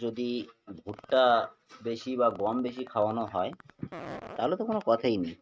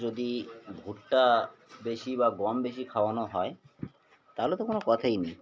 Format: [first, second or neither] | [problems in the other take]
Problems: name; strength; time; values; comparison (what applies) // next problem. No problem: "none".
second | noise reduction (neural mask model RNNoise)